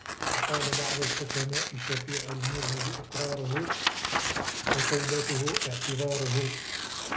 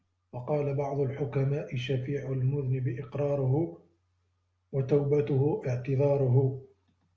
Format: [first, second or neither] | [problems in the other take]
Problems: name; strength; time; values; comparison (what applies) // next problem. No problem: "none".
second | background sound (Tearing); 2 dB above the speech